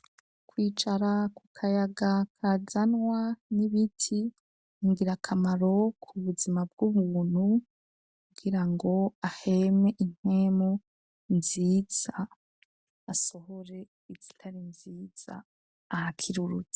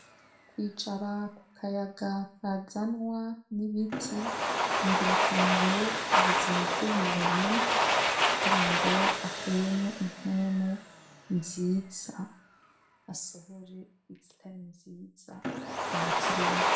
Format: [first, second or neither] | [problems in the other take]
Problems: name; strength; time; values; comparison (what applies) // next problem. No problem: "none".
first | background sound (Domestic sounds, home sounds); 2 dB above the speech // room echo; dies away in 0.4 s